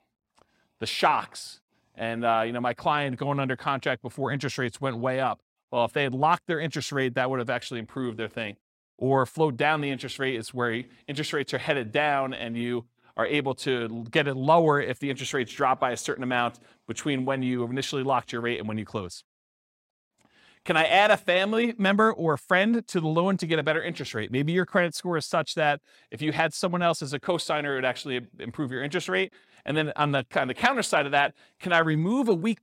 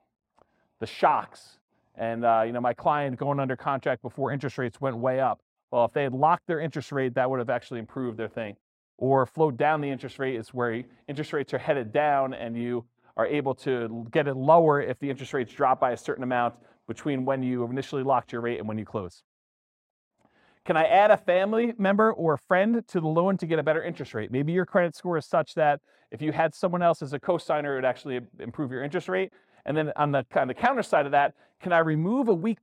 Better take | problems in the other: first | muffled; slightly; fading above 2 kHz

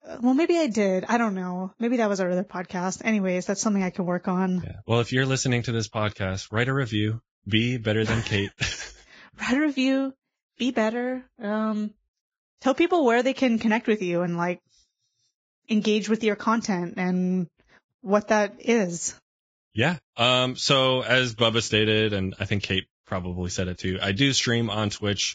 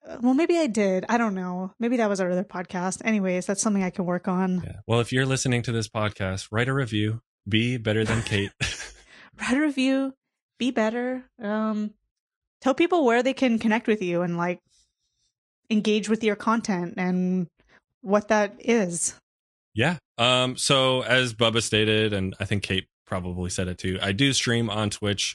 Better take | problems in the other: second | garbled, watery; badly; nothing above 7.5 kHz; slightly in the second

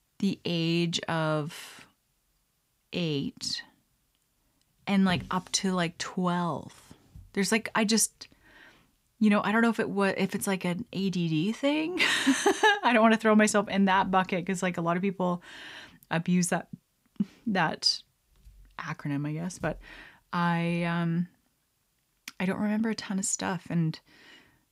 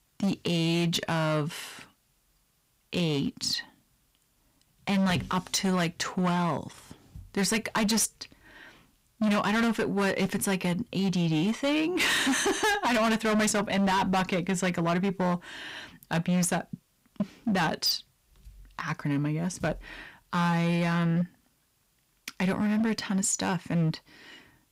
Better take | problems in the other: first | distortion; heavy; 14% of the sound clipped

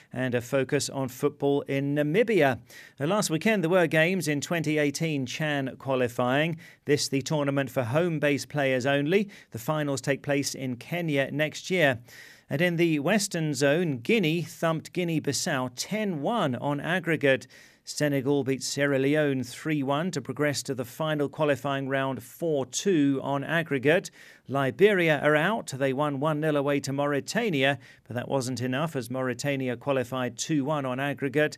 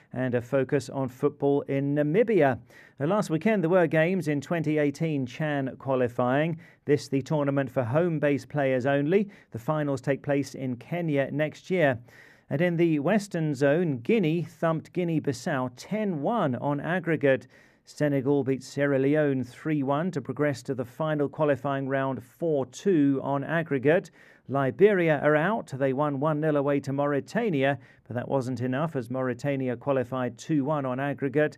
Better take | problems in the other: first | muffled; slightly; fading above 2.5 kHz

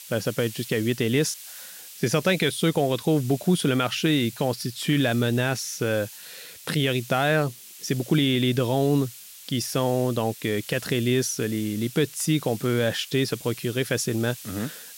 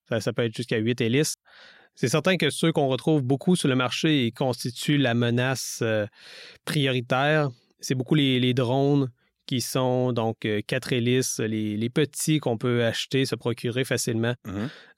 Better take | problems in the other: second | hiss; noticeable; throughout; 15 dB below the speech

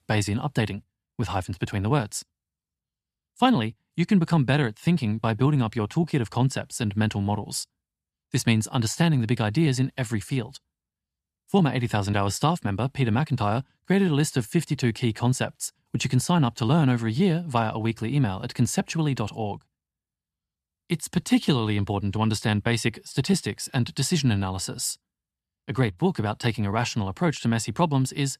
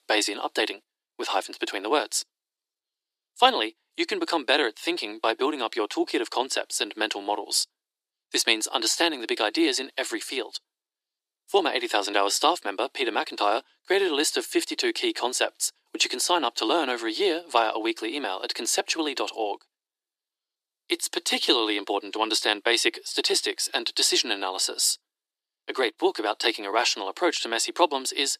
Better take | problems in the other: first | thin; very; fading below 300 Hz

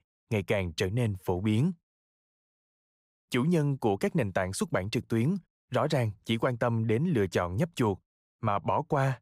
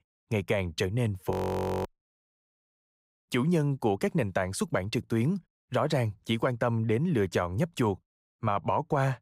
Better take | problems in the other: first | audio freezing; at 1.5 s for 0.5 s

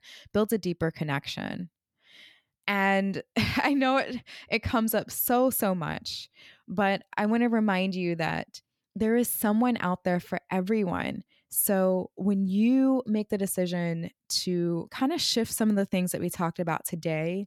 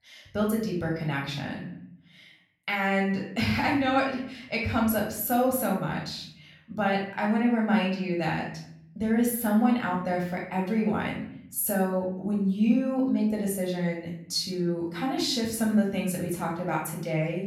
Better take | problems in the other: first | off-mic speech; far // room echo; noticeable; dies away in 0.6 s

